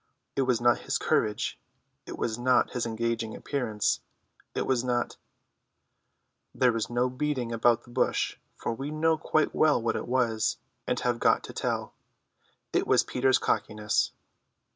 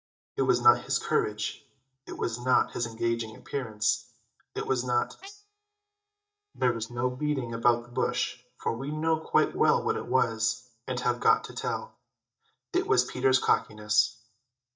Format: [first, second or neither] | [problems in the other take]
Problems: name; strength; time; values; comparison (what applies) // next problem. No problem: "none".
first | noise reduction (neural mask model DeepFilterNet 3)